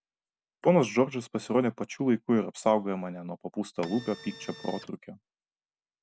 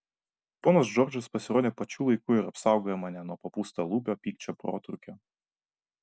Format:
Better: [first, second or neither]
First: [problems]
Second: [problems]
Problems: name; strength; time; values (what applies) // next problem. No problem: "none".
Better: second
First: background sound (Printer); 16 dB below the speech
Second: none